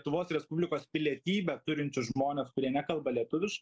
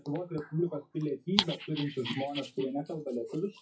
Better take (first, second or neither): first